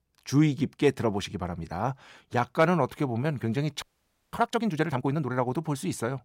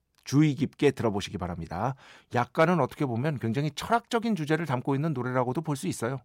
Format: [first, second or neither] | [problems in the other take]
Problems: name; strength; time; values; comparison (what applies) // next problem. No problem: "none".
second | audio freezing; at 4 s for 0.5 s